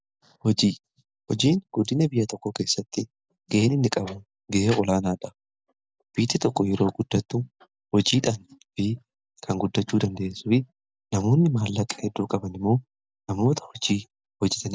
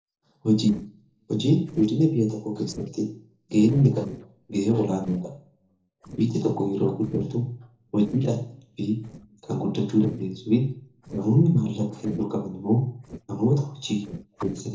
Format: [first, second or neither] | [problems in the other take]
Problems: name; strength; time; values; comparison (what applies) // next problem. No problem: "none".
first | noise reduction (neural separator model SepFormer DNS4)